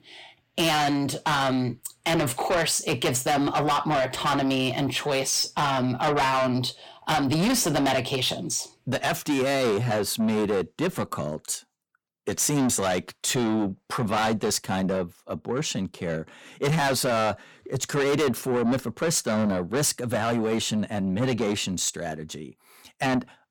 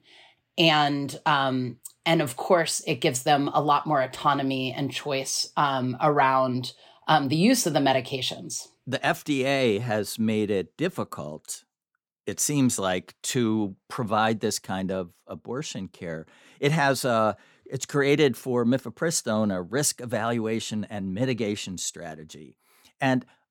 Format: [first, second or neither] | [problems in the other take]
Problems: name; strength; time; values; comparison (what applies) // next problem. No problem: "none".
second | distortion; heavy; 6 dB below the speech